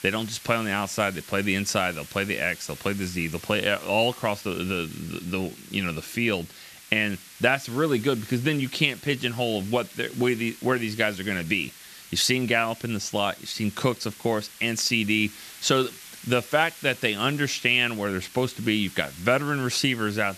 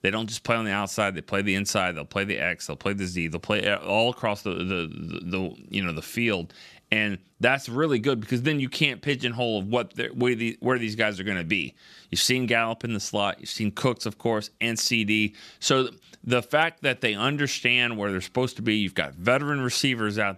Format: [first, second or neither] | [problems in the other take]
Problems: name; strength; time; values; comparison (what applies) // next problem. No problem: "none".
second | hiss; noticeable; throughout; 15 dB below the speech